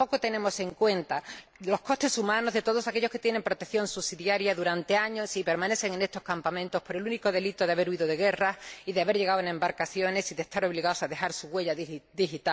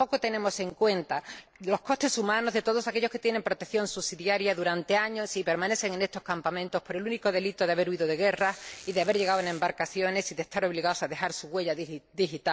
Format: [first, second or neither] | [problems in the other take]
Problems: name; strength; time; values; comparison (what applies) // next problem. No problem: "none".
first | noise reduction (neural separator model SepFormer DNS4)